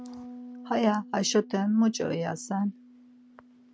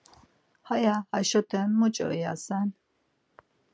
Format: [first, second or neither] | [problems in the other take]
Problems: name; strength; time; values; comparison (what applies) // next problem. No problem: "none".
second | background sound (Bass guitar); 18 dB below the speech